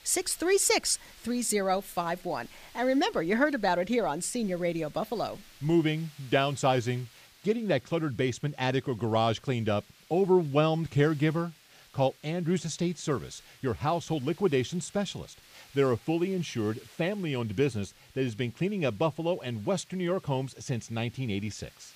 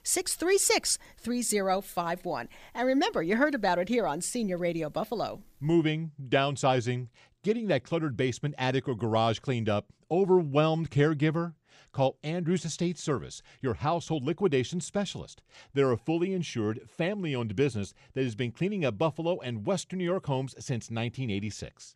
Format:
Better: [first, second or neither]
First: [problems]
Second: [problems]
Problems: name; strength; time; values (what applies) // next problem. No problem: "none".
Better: second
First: hiss; faint; throughout; 25 dB below the speech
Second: none